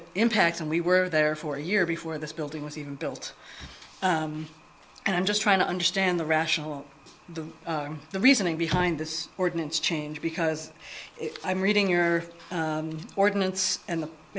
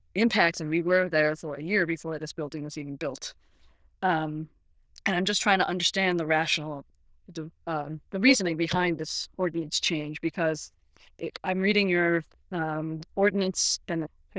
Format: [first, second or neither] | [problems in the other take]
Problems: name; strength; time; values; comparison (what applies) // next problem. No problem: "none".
first | noise reduction (neural diffusion model UNIVERSE++)